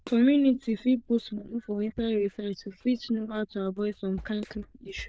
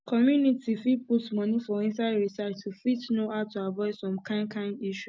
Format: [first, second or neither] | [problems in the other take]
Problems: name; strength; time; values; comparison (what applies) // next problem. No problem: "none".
second | noise reduction (neural diffusion model UNIVERSE++)